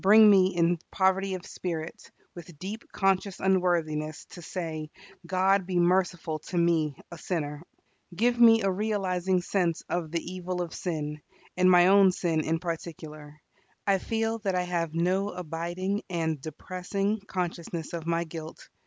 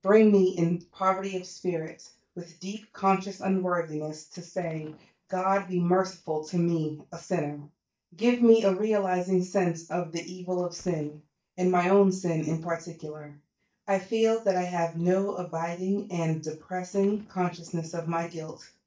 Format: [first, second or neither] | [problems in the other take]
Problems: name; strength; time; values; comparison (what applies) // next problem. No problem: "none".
first | noise reduction (neural mask model DeepFilterNet 3)